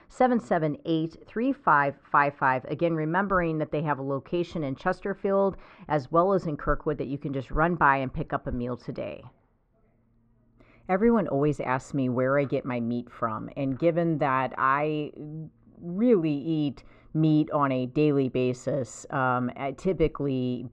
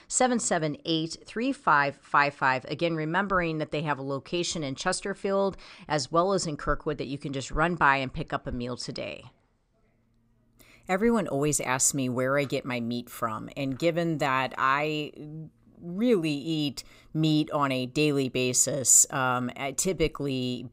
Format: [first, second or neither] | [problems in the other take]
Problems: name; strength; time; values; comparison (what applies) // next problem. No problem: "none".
second | muffled; very; fading above 1.5 kHz